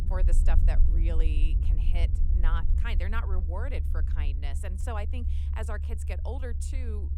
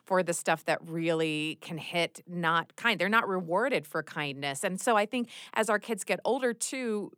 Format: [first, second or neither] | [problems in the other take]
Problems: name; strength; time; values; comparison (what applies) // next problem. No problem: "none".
second | low rumble; loud; throughout; 8 dB below the speech